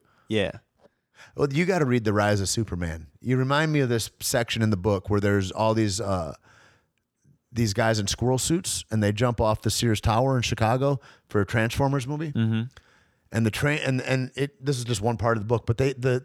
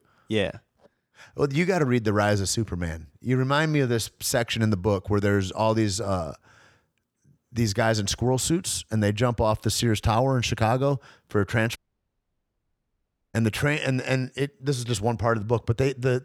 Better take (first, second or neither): first